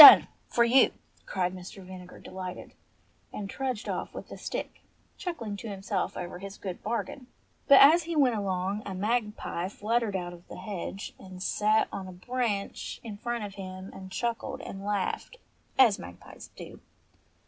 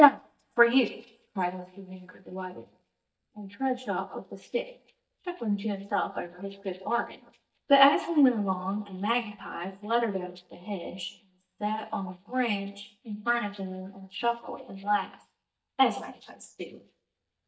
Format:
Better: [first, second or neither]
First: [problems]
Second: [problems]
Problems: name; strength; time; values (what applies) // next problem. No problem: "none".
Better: first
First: none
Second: noise reduction (neural mask model DeepFilterNet 3)